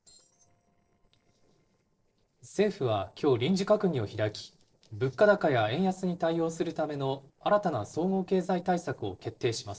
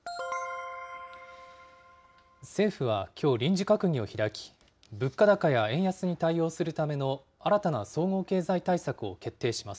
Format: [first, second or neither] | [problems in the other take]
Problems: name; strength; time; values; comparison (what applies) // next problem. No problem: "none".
second | noise reduction (neural separator model SepFormer DNS4)